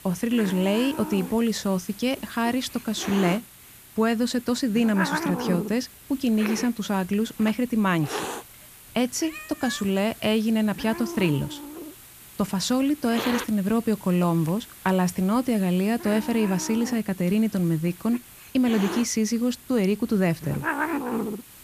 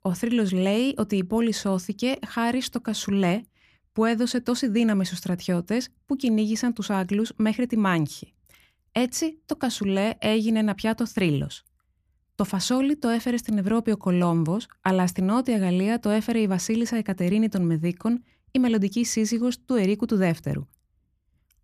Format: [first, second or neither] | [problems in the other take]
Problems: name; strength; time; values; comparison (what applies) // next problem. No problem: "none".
second | hiss; noticeable; throughout; 10 dB below the speech